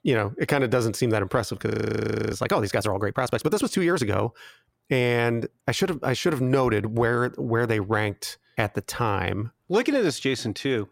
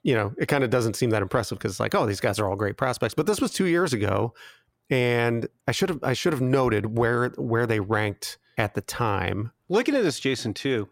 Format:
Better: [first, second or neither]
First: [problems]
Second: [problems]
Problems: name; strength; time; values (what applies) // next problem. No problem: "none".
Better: second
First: audio freezing; at 1.5 s for 0.5 s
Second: none